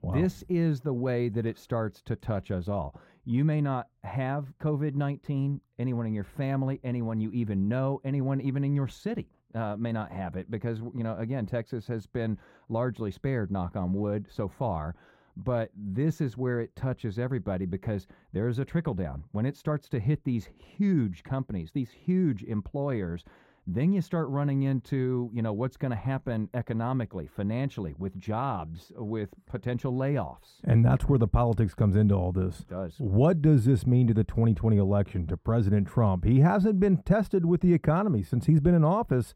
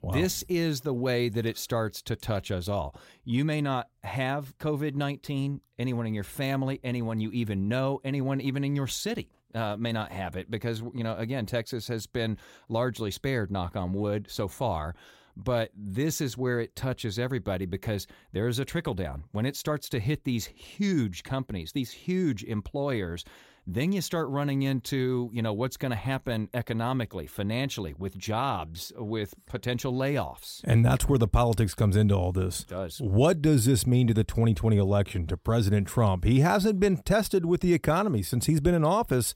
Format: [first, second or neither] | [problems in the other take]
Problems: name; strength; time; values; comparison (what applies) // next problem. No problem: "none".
second | muffled; very; fading above 2.5 kHz